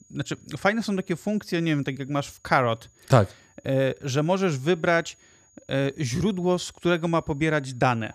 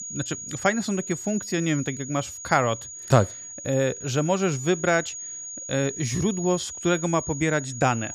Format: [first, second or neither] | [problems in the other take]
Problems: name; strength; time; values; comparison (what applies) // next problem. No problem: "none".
first | high-pitched whine; loud; throughout; 6.5 kHz, 9 dB below the speech; faint in the first